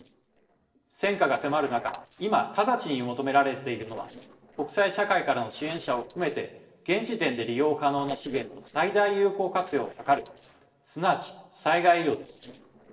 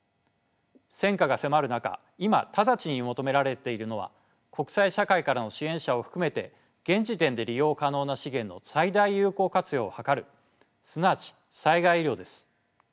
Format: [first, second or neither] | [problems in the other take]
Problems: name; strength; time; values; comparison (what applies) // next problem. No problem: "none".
second | noise reduction (neural separator model SepFormer DNS4)